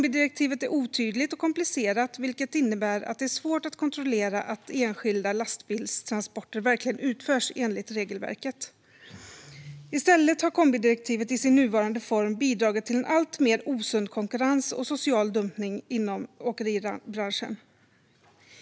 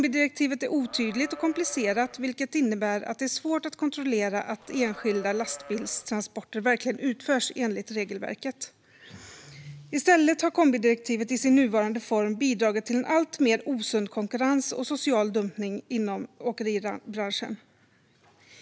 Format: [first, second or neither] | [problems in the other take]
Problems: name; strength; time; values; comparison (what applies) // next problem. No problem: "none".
first | background sound (Livestock, farm animals, working animals); 17 dB below the speech